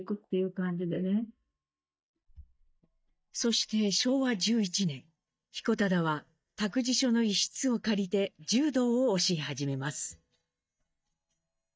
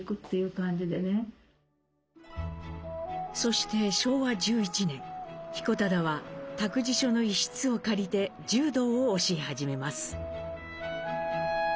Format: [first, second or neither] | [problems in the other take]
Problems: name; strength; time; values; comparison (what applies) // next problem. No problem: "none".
second | noise reduction (neural mask model DeepFilterNet 3)